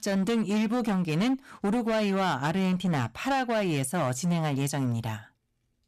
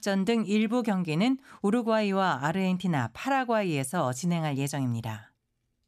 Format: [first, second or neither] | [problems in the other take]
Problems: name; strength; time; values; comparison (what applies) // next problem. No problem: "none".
second | distortion; slight; 17% of the sound clipped